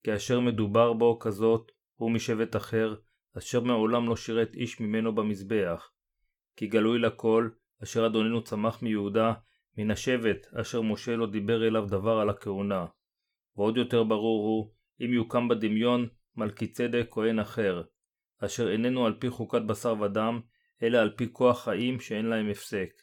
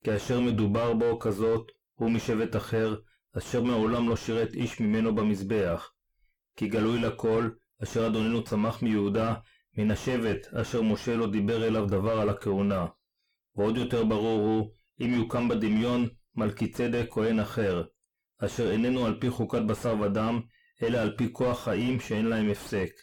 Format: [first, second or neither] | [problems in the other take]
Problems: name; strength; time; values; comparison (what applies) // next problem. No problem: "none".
first | distortion; heavy; 6 dB below the speech